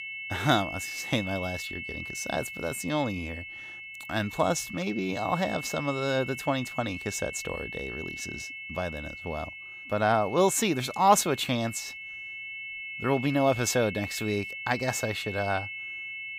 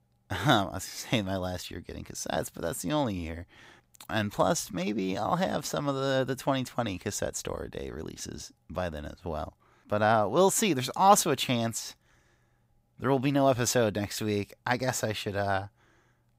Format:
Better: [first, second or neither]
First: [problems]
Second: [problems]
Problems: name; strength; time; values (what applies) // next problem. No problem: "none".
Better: second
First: high-pitched whine; loud; throughout; 2 kHz, 8 dB below the speech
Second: none